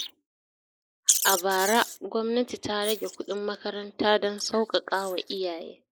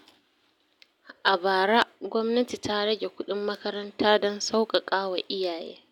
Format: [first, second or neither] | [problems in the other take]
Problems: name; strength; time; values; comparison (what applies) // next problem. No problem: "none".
second | noise reduction (neural mask model Resemble Enhance denoiser)